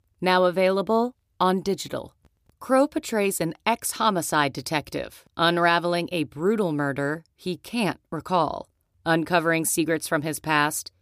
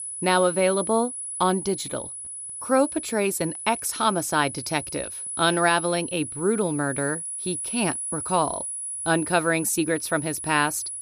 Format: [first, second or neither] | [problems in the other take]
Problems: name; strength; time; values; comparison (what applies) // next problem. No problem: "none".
first | high-pitched whine; loud; throughout; 10 kHz, 6 dB below the speech